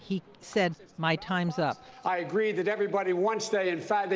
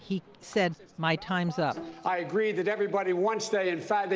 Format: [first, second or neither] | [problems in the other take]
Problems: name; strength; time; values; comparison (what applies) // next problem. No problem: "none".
first | background sound (Bowed string instrument); 18 dB below the speech